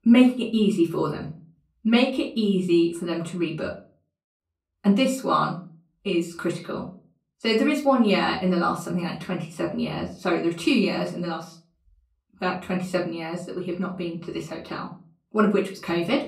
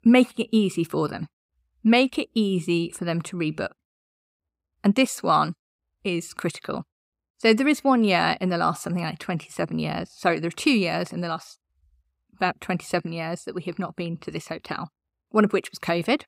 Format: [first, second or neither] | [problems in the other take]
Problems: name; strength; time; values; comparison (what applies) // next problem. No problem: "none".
second | off-mic speech; far // room echo; slight; dies away in 0.3 s